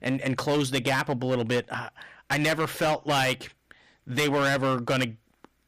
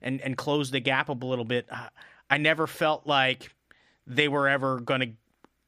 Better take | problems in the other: second | distortion; heavy; 15% of the sound clipped

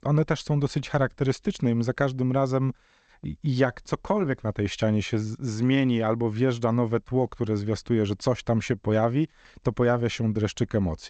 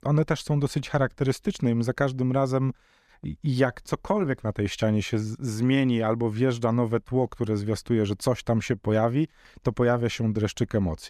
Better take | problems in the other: second | garbled, watery; slightly; nothing above 7.5 kHz

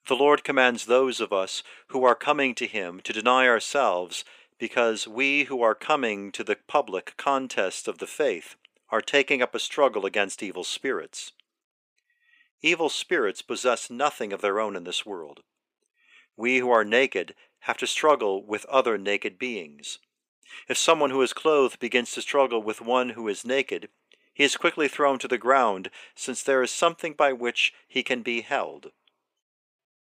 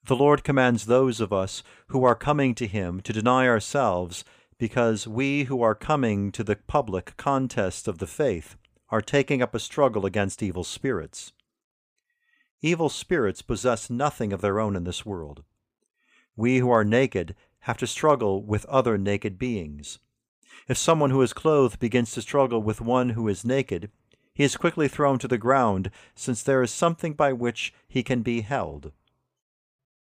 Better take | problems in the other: second | thin; somewhat; fading below 300 Hz

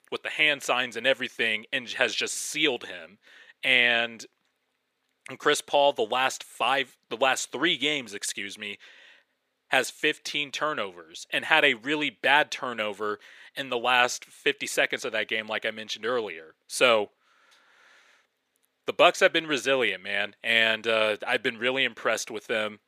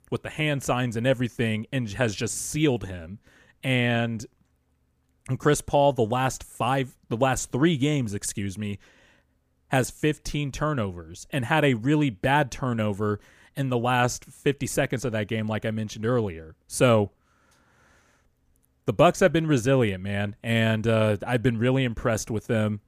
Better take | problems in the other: second | thin; very; fading below 450 Hz

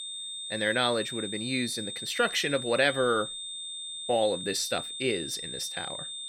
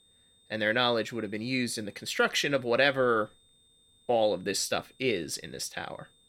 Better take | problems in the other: second | high-pitched whine; loud; throughout; 3.5 kHz, 6 dB below the speech; faint in the second

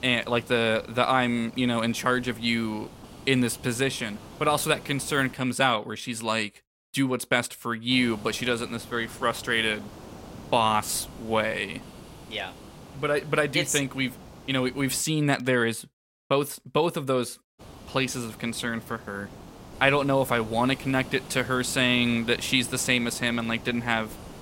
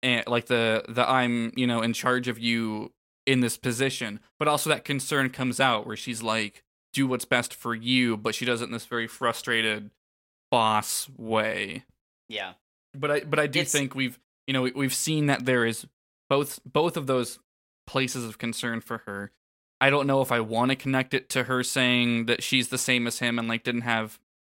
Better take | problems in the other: second | hiss; noticeable; until 5.5 s, from 8 to 15 s and from 18 s on; 20 dB below the speech

